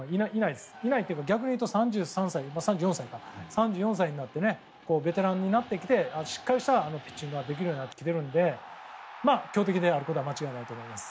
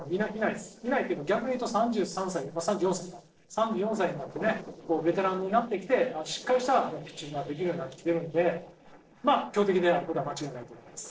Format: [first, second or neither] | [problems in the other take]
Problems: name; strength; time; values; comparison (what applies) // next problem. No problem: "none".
first | noise reduction (neural separator model SepFormer DNS4)